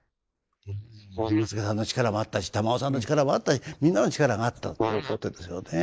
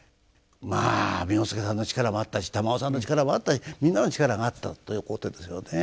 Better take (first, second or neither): second